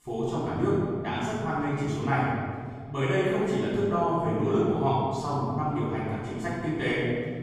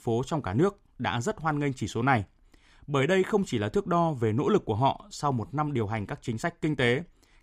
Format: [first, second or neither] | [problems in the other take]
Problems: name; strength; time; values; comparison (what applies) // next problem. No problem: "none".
second | room echo; strong; dies away in 1.8 s // off-mic speech; far